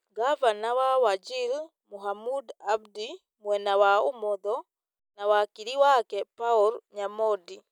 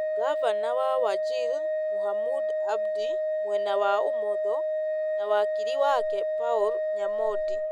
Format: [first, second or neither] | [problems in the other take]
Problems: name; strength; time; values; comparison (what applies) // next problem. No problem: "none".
first | background sound (Organ); 4 dB above the speech